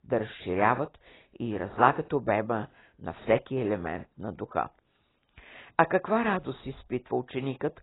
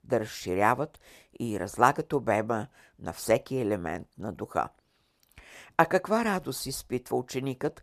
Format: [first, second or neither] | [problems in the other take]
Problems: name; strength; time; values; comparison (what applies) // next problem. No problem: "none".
second | garbled, watery; badly; nothing above 4 kHz